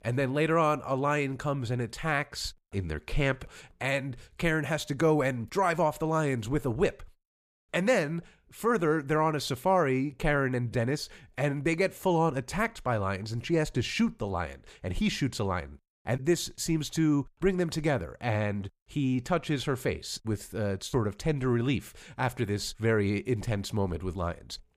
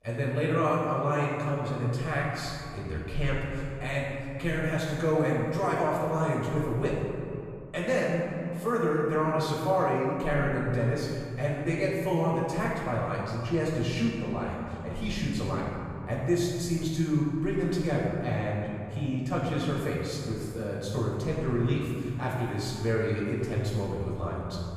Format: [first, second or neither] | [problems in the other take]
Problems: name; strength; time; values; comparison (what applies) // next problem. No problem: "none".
first | off-mic speech; far // room echo; strong; dies away in 2.4 s